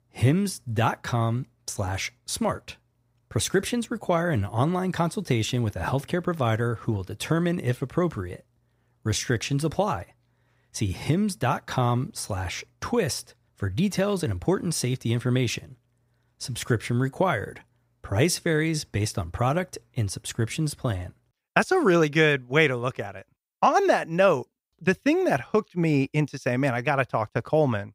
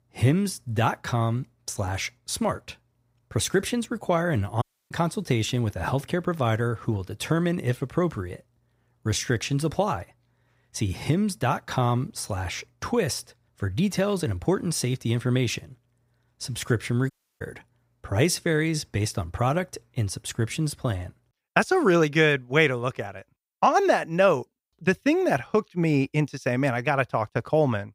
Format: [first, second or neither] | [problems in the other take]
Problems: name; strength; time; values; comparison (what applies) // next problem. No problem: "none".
first | audio cutting out; at 4.5 s and at 17 s